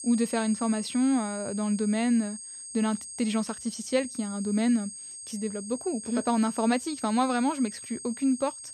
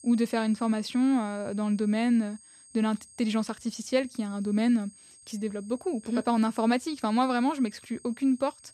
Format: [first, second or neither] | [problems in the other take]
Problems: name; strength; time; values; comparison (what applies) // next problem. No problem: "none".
second | high-pitched whine; loud; throughout; 8.5 kHz, 10 dB below the speech; faint in the second